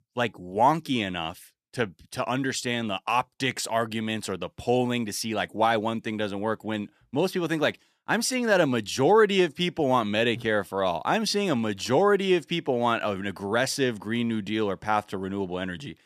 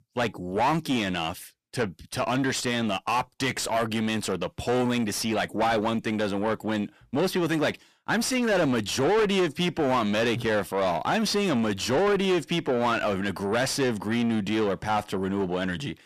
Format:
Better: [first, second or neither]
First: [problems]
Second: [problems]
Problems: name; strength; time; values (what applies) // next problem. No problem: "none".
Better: first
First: none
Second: distortion; heavy; 7 dB below the speech